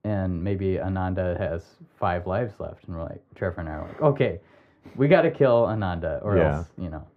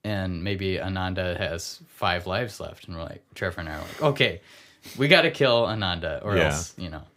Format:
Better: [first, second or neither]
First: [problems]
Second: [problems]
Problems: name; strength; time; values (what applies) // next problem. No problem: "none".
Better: second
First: muffled; very; fading above 2.5 kHz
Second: none